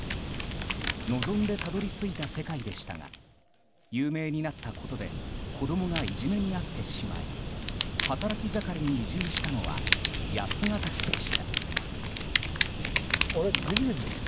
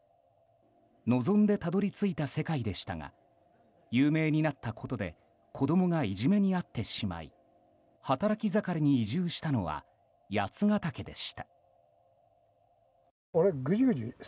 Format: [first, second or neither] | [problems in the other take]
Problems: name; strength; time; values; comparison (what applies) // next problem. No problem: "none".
second | background sound (Fire); 1 dB above the speech